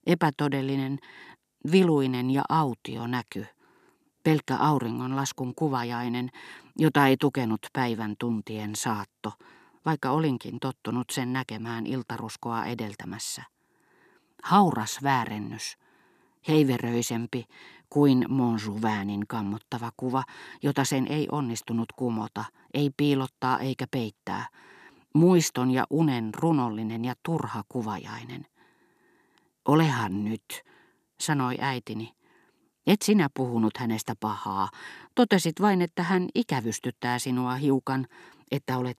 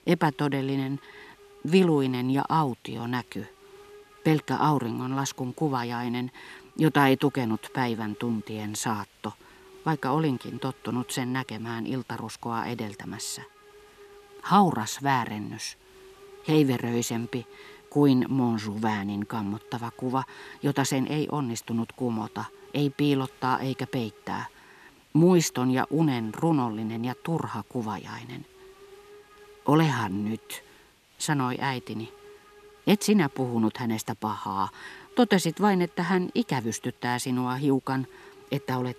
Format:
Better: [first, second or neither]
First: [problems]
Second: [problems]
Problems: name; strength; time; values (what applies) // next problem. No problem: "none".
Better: first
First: none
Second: hiss; faint; throughout; 25 dB below the speech